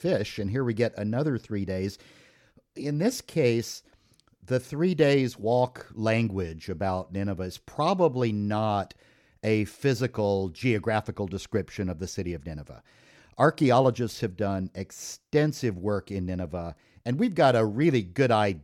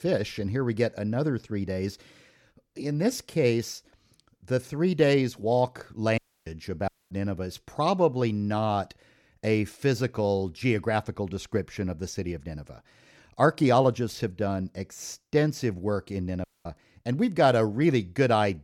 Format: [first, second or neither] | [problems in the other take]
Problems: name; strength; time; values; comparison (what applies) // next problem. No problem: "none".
first | audio cutting out; at 6 s, at 7 s and at 16 s